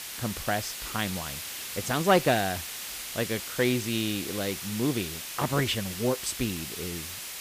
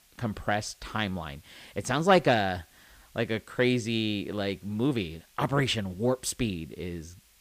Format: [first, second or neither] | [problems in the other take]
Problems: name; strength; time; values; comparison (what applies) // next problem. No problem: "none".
second | hiss; loud; throughout; 6 dB below the speech; faint in the second